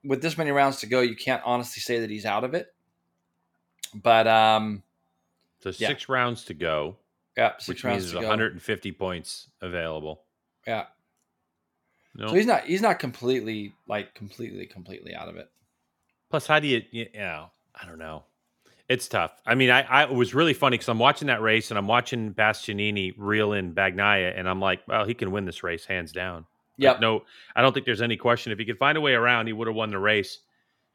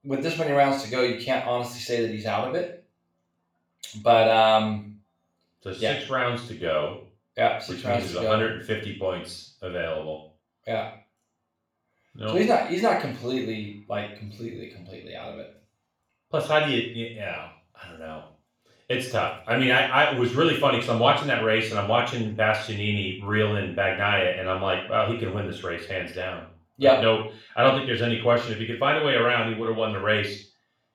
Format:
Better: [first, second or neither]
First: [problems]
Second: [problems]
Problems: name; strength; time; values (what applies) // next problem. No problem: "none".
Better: first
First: none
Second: room echo; noticeable; dies away in 0.4 s // off-mic speech; far